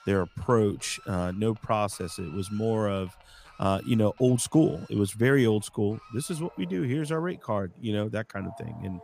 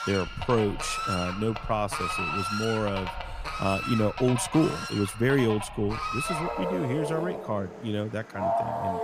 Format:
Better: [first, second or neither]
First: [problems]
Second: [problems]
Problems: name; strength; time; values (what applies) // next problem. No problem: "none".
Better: first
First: animal sounds; faint; throughout; 25 dB below the speech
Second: animal sounds; loud; throughout; 3 dB below the speech